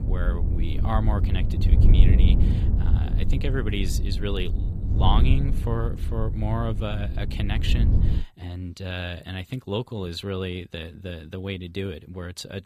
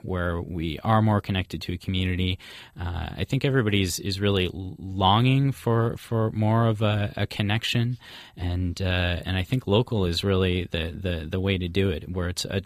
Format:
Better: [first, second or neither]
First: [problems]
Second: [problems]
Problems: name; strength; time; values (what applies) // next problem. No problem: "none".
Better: second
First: wind noise on the microphone; heavy; until 8 s; 6 dB below the speech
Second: none